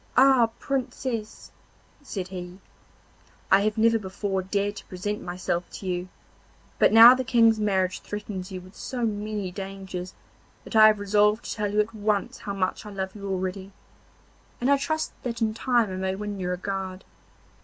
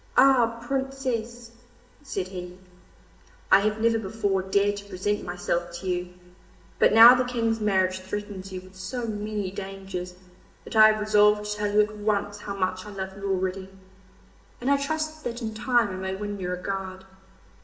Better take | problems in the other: first | room echo; dies away in 1.2 s

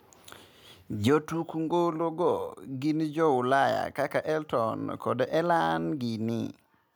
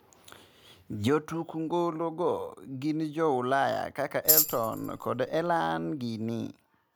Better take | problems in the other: first | background sound (Tambourine); 1 dB above the speech

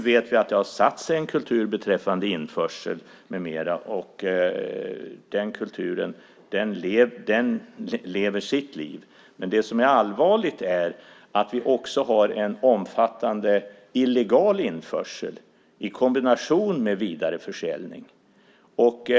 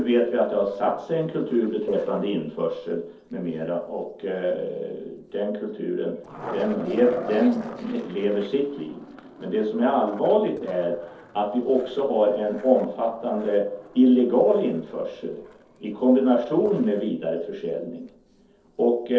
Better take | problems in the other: first | noise reduction (neural separator model SepFormer DNS4)

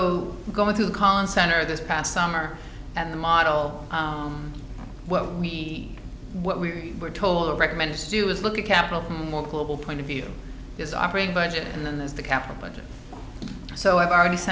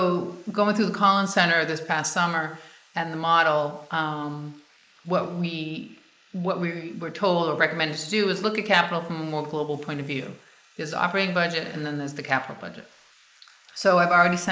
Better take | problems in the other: first | noise reduction (neural mask model Resemble Enhance denoiser)

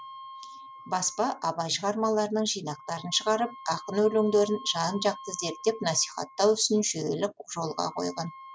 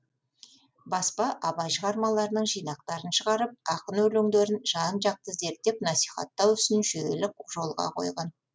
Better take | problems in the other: second | background sound (Wind instrument, woodwind instrument); 18 dB below the speech

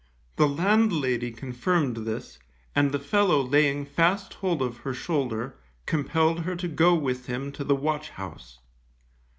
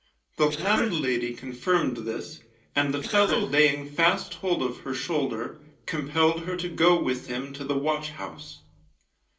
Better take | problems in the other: first | noise reduction (neural separator model SepFormer DNS4)

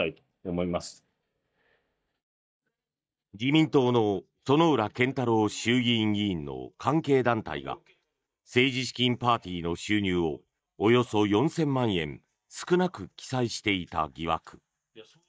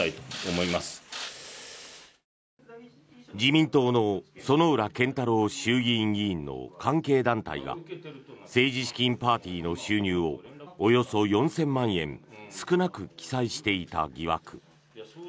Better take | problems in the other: second | noise reduction (neural mask model DeepFilterNet 3)

